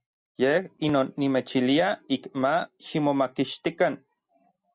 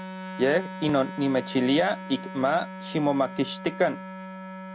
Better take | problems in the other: first | background sound (Wind instrument, woodwind instrument); 11 dB below the speech

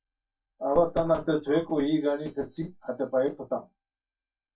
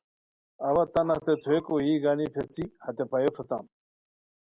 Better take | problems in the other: second | noise reduction (neural mask model DeepFilterNet 3)

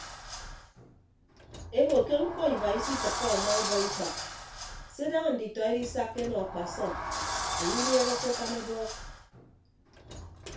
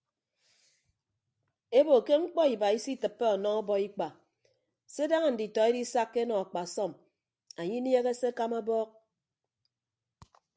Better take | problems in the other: second | background sound (Sliding door); 5 dB below the speech // room echo; dies away in 0.3 s

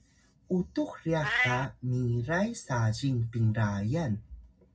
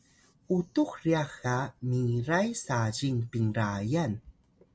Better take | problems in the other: second | background sound (Meow); 9 dB below the speech // room echo; dies away in 0.4 s

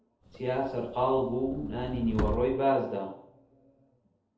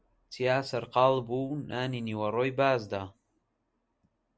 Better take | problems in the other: second | background sound (Subway, metro, underground); 7 dB below the speech // room echo; dies away in 2.1 s

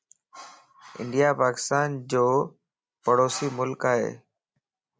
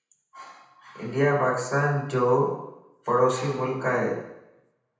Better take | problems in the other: first | room echo; dies away in 0.9 s

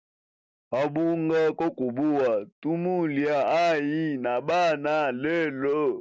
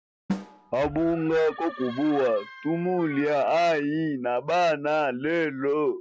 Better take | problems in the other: first | noise reduction (classical method Wiener filter)

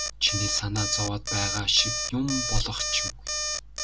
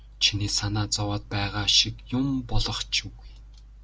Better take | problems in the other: second | background sound (Alarm); 2 dB below the speech

